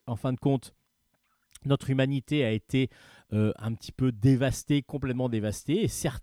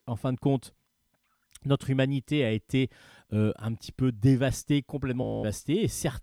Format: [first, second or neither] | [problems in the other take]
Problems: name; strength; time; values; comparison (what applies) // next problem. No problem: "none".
first | audio freezing; at 5 s